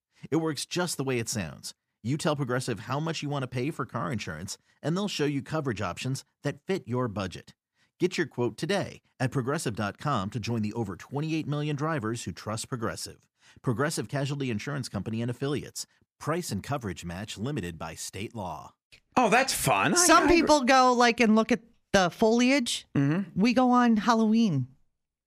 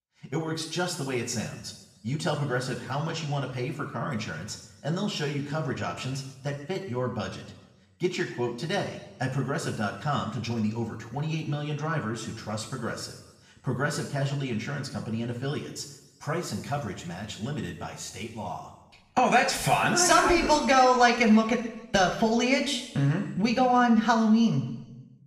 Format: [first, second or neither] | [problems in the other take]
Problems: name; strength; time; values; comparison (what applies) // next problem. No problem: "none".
first | room echo; noticeable; dies away in 1 s // off-mic speech; somewhat distant